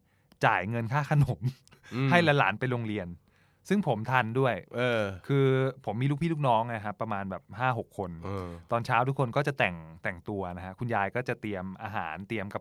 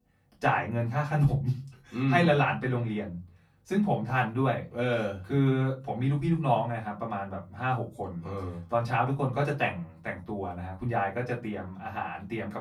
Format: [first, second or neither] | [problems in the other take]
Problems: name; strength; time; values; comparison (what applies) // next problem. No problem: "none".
first | off-mic speech; far // room echo; very slight; dies away in 0.3 s